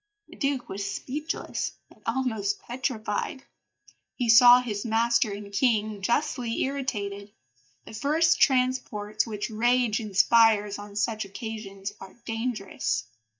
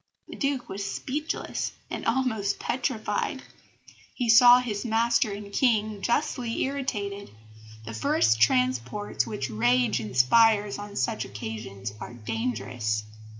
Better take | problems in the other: second | noise reduction (neural mask model DeepFilterNet 3)

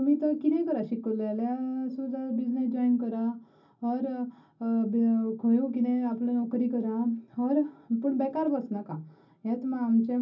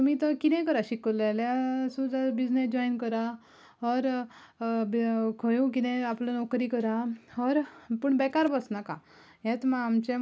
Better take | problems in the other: second | room echo; dies away in 0.4 s

